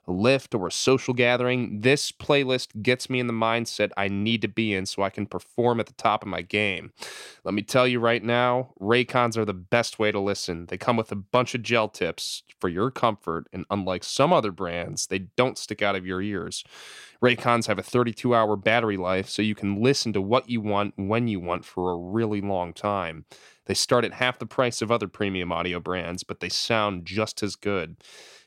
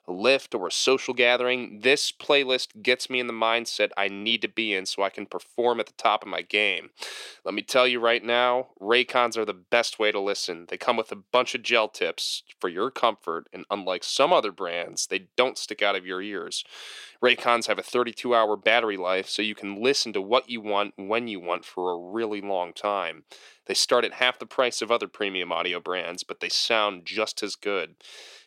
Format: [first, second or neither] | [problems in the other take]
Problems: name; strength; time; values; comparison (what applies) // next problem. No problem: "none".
first | thin; somewhat; fading below 400 Hz